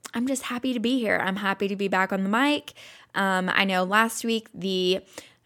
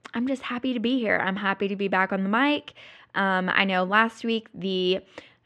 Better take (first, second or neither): first